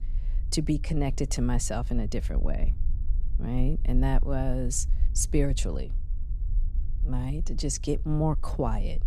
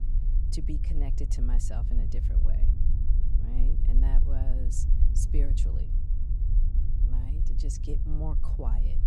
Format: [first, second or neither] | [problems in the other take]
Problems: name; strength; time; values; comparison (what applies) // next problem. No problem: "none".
first | low rumble; loud; throughout; 4 dB below the speech; faint in the first